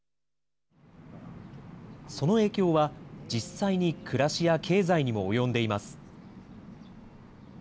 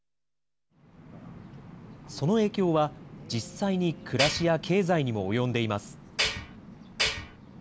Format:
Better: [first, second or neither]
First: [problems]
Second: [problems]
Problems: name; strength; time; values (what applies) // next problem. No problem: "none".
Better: first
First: none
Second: background sound (Tools); as loud as the speech